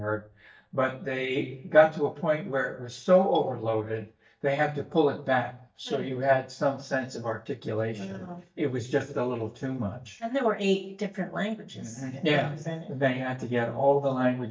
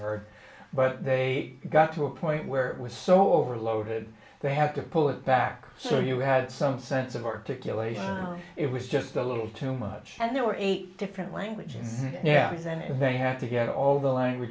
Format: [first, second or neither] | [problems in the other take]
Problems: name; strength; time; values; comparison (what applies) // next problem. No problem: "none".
second | noise reduction (neural mask model DeepFilterNet 3)